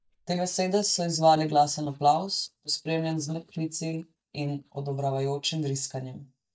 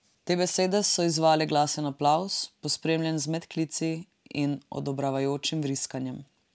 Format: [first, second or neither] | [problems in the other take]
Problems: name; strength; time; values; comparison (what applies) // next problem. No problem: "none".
second | noise reduction (neural mask model DeepFilterNet 3)